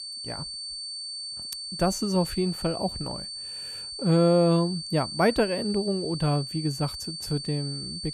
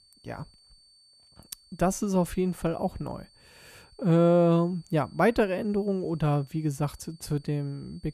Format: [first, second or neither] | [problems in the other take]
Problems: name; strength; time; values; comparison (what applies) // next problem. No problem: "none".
second | high-pitched whine; loud; throughout; 4.5 kHz, 8 dB below the speech; faint in the second